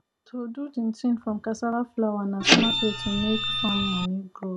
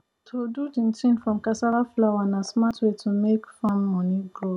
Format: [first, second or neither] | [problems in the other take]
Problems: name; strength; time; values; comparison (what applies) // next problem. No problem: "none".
second | background sound (Printer); 3 dB above the speech